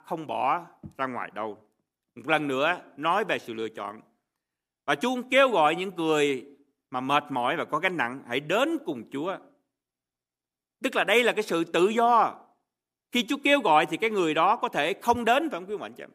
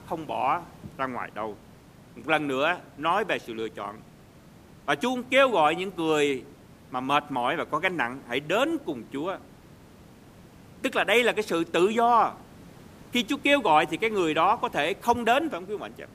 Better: first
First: none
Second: hiss; faint; throughout; 25 dB below the speech

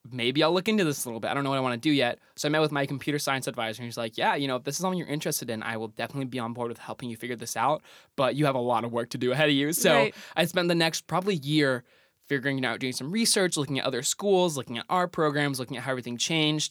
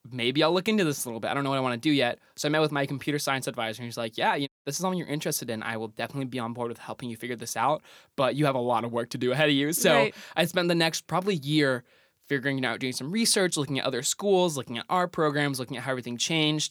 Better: first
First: none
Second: audio cutting out; at 4.5 s

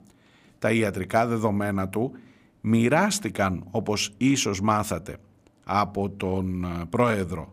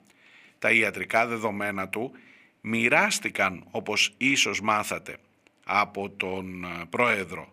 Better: first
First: none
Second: thin; very slightly; fading below 400 Hz

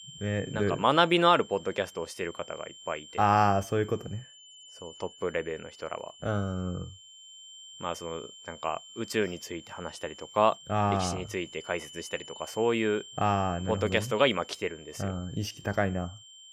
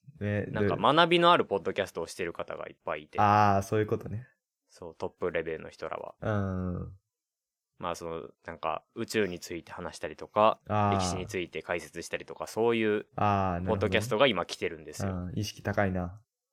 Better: second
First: high-pitched whine; noticeable; throughout; 3 kHz, 20 dB below the speech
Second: none

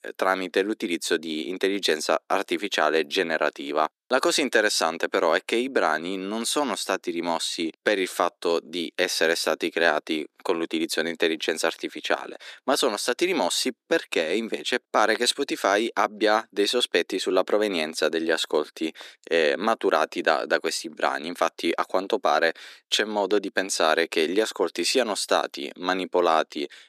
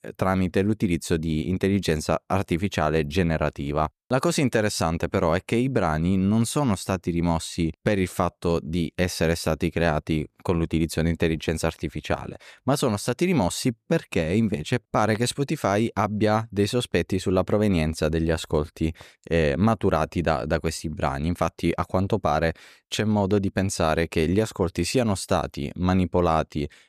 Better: second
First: thin; somewhat; fading below 300 Hz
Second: none

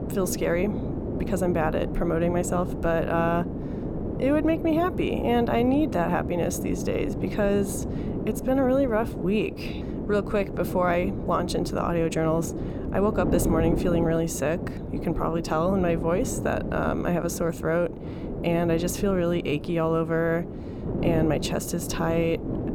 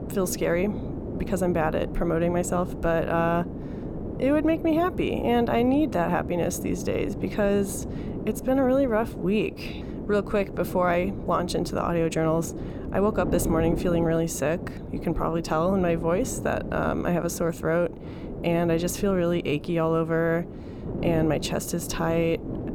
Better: second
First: wind noise on the microphone; heavy; 9 dB below the speech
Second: wind noise on the microphone; occasional gusts; 10 dB below the speech

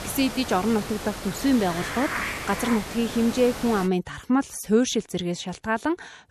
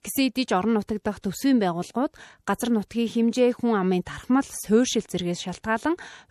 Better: second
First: hiss; loud; until 4 s; 7 dB below the speech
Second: none

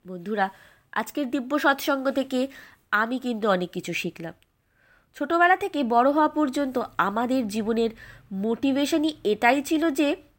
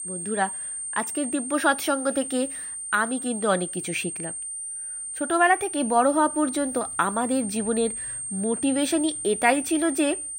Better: first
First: none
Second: high-pitched whine; loud; throughout; 8.5 kHz, 6 dB below the speech

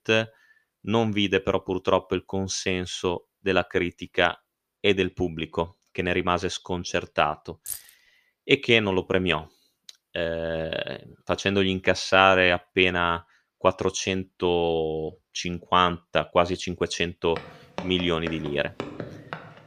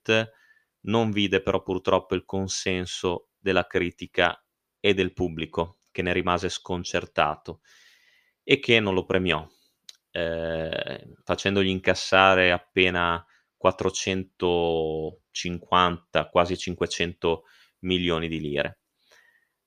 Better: second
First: jangling keys; faint; at 7.5 s; peak 10 dB below the speech // footsteps; faint; from 17 s on; peak 10 dB below the speech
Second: none

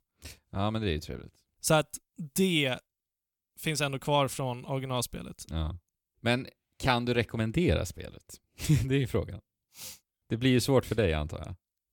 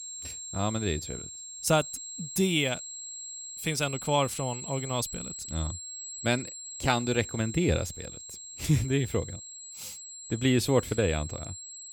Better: first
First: none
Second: high-pitched whine; loud; throughout; 7.5 kHz, 9 dB below the speech

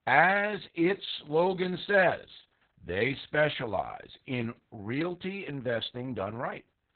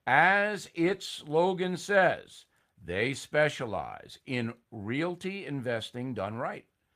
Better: second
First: garbled, watery; badly; nothing above 4 kHz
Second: garbled, watery; slightly; nothing above 15 kHz

